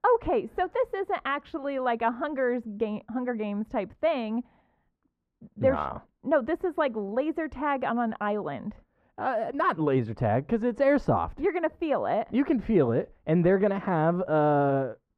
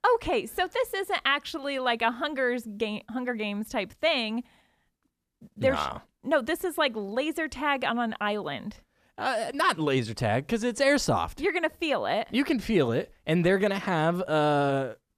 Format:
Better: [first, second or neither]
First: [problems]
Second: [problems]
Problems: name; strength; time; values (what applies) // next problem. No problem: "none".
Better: second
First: muffled; very; fading above 3 kHz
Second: none